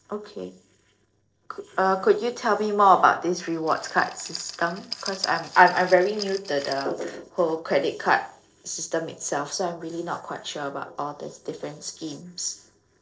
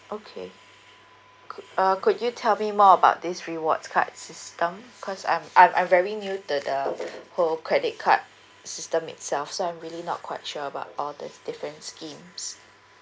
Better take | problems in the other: second | noise reduction (neural separator model SepFormer DNS4)

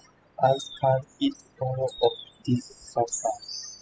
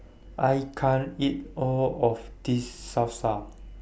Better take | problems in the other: second | noise reduction (classical method spectral subtraction)

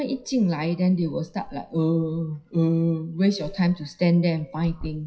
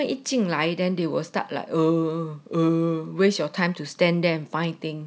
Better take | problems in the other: second | noise reduction (classical method WPE with log-MMSE)

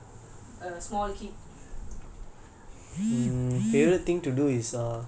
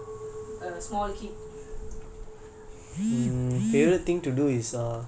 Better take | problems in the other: first | background sound (Chink, clink); 17 dB below the speech

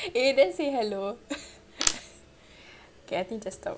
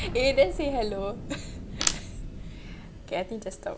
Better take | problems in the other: first | background sound (Explosion); 8 dB below the speech

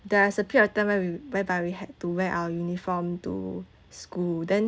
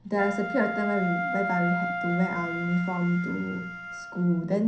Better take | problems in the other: first | background sound (Wind instrument, woodwind instrument); 5 dB below the speech // room echo; dies away in 0.6 s

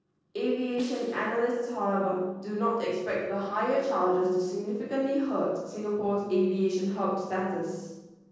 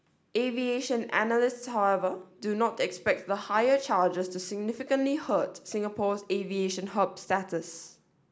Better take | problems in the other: second | noise reduction (neural separator model SepFormer DNS4)

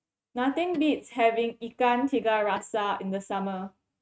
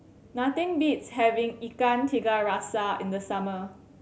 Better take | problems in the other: second | noise reduction (neural mask model RNNoise)

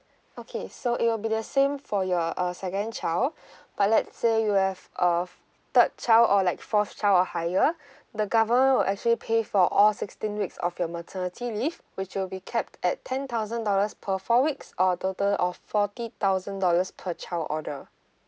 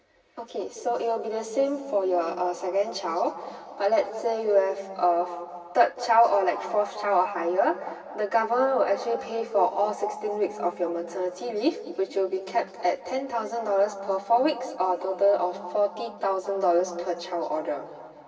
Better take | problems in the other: first | room echo; dies away in 2.4 s

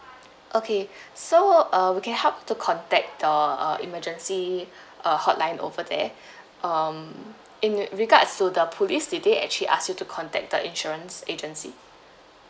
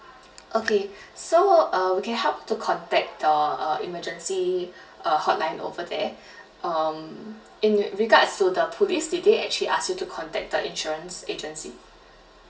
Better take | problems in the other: first | background sound (Raindrop); 14 dB below the speech // room echo; dies away in 0.2 s

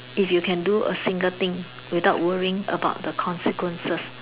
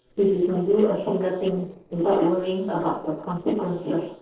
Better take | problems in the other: first | noise reduction (neural separator model SepFormer DNS4)

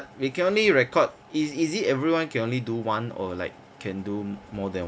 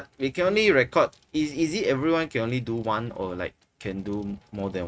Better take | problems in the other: first | noise reduction (neural mask model RNNoise)

